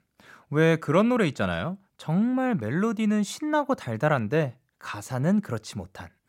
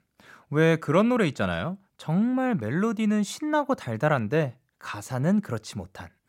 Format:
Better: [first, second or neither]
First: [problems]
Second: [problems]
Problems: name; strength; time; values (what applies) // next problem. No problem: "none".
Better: neither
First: none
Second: none